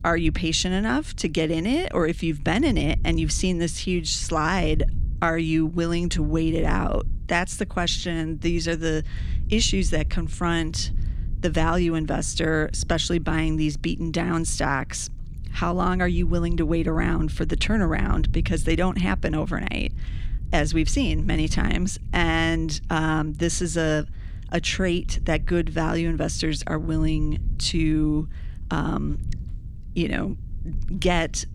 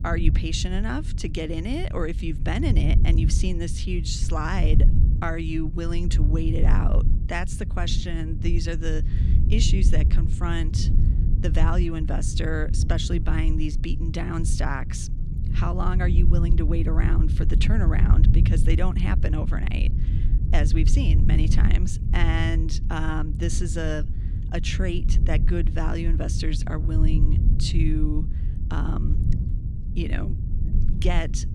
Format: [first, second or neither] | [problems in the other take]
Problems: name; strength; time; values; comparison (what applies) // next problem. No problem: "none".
first | low rumble; loud; throughout; 8 dB below the speech; faint in the first